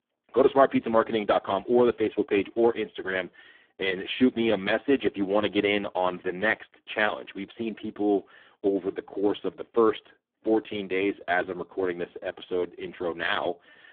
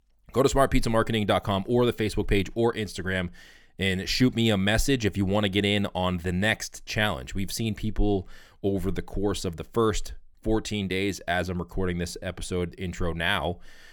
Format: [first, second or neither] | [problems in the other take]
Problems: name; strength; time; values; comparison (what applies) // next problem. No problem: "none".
second | phone-call audio; poor line